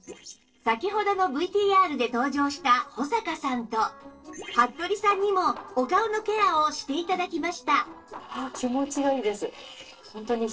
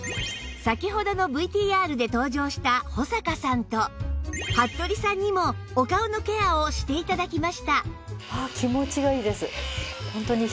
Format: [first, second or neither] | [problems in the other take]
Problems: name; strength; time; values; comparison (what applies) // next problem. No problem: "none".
second | noise reduction (neural separator model SepFormer DNS4)